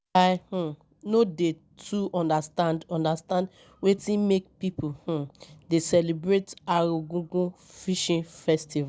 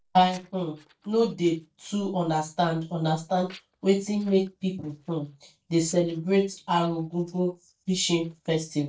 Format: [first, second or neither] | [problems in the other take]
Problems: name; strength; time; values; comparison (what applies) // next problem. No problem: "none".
first | noise reduction (neural mask model DeepFilterNet 3)